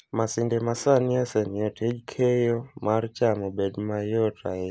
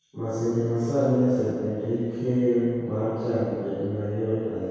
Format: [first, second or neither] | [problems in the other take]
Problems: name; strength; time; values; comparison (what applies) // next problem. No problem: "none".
first | room echo; dies away in 2 s